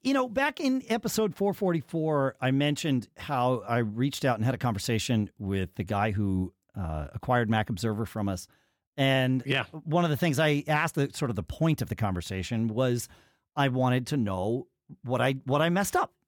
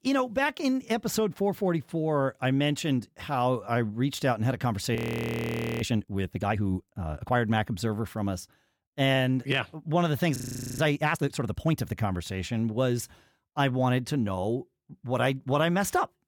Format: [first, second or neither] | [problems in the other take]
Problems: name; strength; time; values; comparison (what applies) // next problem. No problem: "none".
first | audio freezing; at 5 s for 1 s and at 10 s